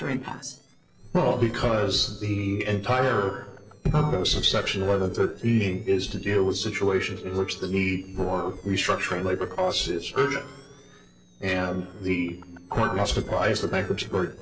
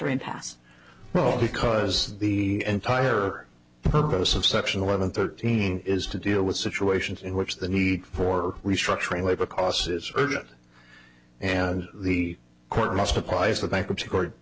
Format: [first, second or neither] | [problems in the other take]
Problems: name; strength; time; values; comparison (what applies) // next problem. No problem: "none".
second | noise reduction (neural separator model SepFormer DNS4)